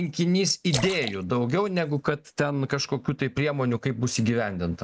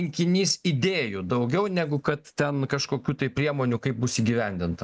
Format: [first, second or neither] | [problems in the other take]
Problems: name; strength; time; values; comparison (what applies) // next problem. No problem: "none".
second | background sound (Splash, splatter); 12 dB below the speech